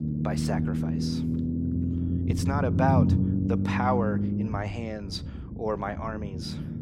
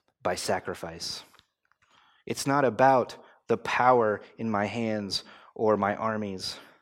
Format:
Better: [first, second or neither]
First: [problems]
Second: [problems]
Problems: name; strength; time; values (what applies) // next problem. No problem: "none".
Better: second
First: low rumble; loud; throughout; 4 dB below the speech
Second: none